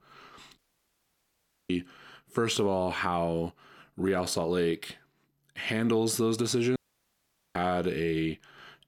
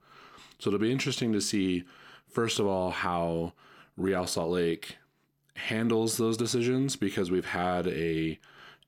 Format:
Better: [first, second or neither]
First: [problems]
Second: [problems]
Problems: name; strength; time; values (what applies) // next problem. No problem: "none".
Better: second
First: audio cutting out; at 0.5 s for 1 s and at 7 s for 1 s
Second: none